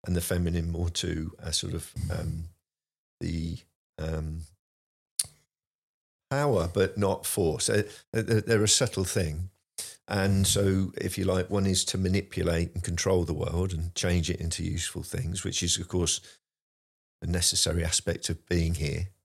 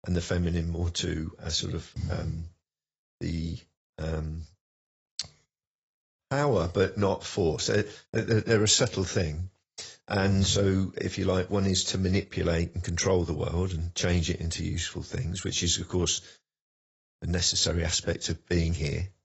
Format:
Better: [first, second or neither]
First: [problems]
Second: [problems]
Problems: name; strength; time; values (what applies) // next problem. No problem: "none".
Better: first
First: none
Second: garbled, watery; badly; nothing above 7.5 kHz